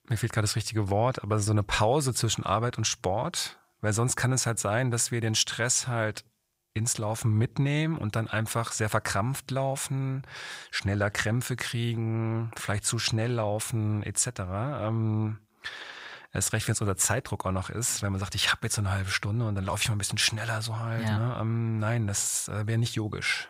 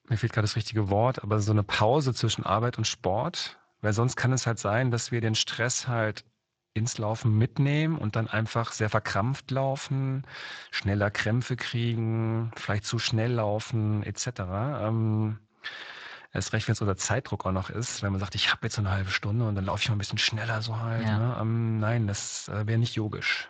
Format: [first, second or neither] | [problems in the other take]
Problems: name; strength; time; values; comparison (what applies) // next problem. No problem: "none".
first | garbled, watery; slightly; nothing above 7.5 kHz